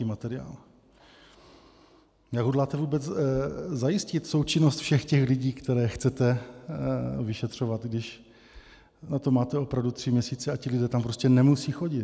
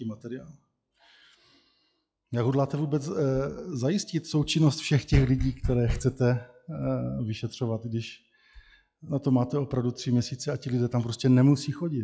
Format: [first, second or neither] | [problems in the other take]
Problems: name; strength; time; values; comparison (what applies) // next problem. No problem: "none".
first | noise reduction (classical method log-MMSE)